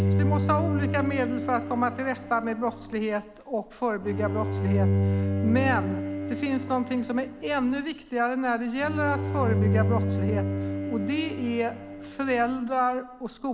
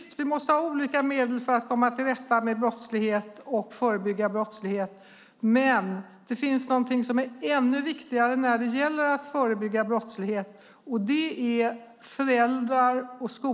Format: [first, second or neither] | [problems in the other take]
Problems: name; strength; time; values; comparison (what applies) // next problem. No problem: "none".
second | background sound (Bowed string instrument); as loud as the speech